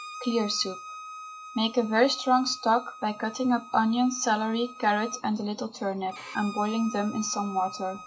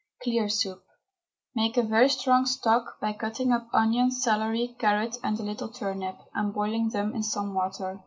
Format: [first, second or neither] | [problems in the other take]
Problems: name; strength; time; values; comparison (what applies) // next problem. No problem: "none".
second | background sound (Bowed string instrument); 15 dB below the speech